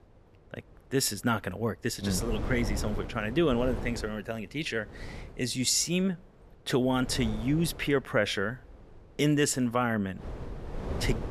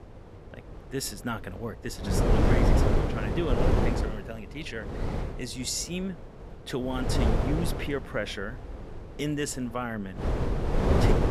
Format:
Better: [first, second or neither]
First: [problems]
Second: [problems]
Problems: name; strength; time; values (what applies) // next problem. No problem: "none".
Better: first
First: wind noise on the microphone; occasional gusts; 15 dB below the speech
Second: wind noise on the microphone; heavy; 3 dB above the speech